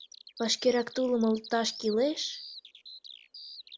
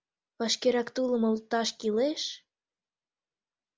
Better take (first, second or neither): second